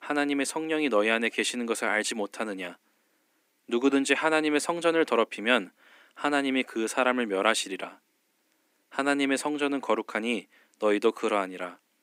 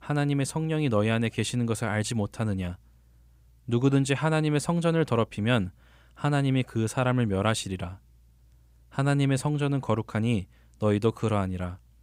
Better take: second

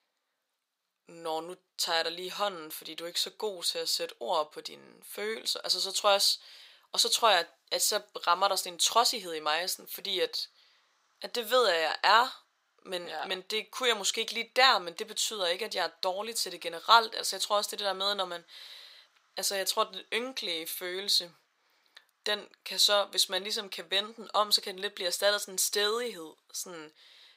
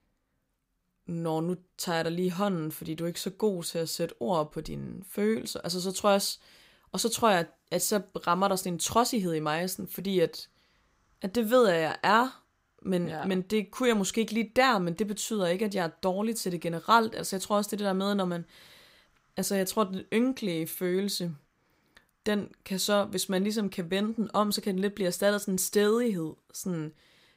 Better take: second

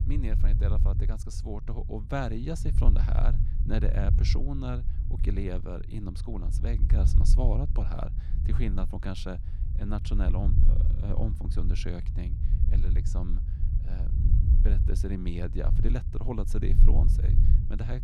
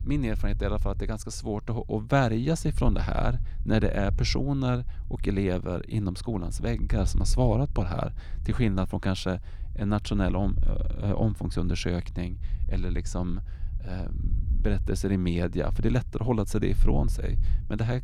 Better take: second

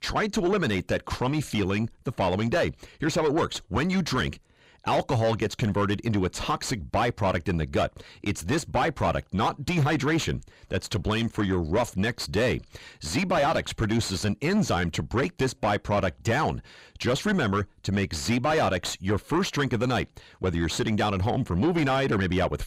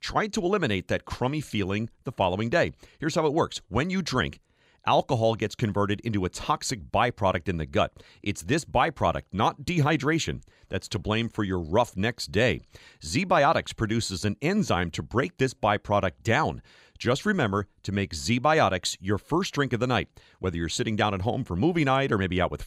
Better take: second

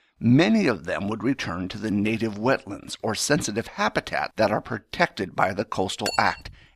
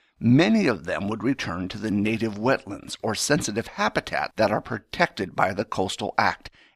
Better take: second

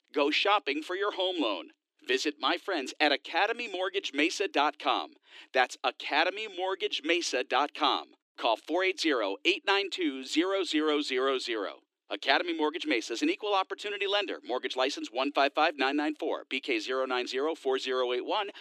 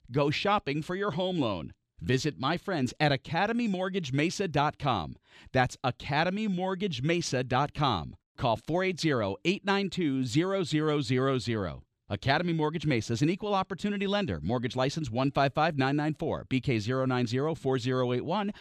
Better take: second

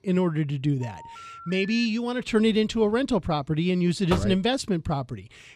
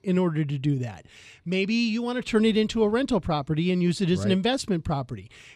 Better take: second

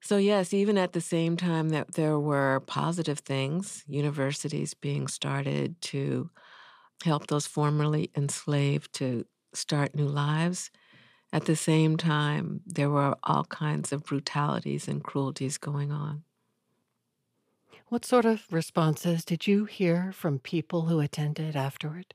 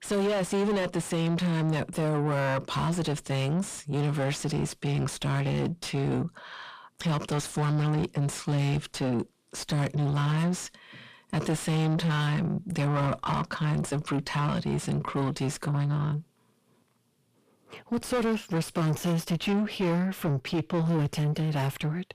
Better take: first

